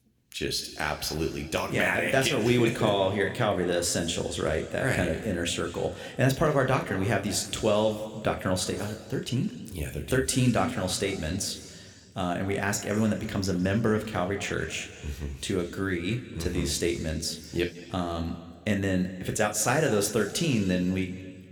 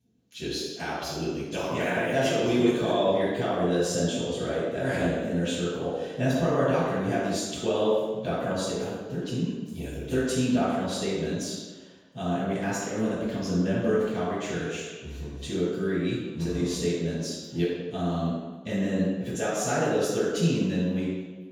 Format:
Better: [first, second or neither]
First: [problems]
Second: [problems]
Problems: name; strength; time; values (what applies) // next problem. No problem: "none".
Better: first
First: room echo; slight; dies away in 1.7 s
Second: room echo; strong; dies away in 1.2 s // off-mic speech; far